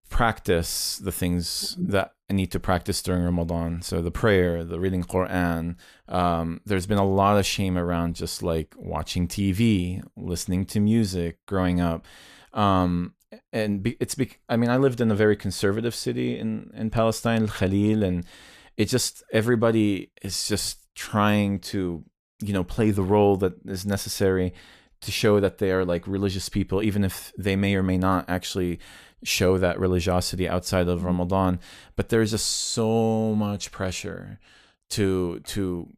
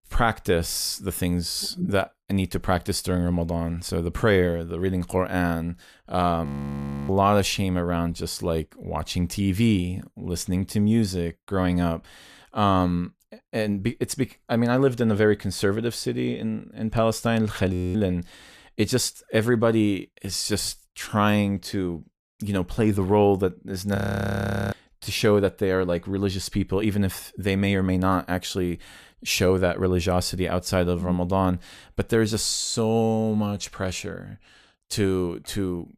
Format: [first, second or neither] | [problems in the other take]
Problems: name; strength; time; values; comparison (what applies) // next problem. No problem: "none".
first | audio freezing; at 6.5 s for 0.5 s, at 18 s and at 24 s for 1 s